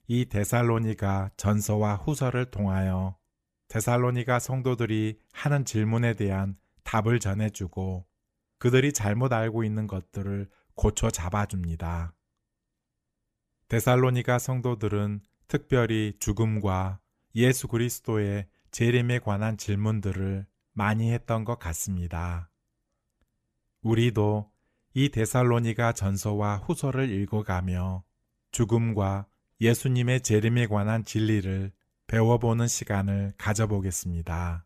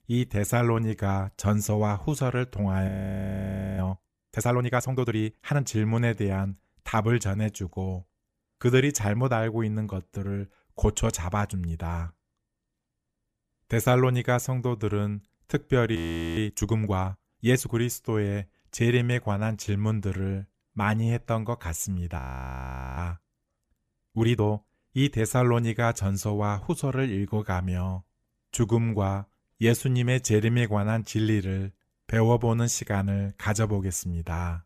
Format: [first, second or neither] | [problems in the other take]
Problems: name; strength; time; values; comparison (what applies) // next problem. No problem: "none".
first | audio freezing; at 3 s for 1 s, at 16 s and at 22 s for 1 s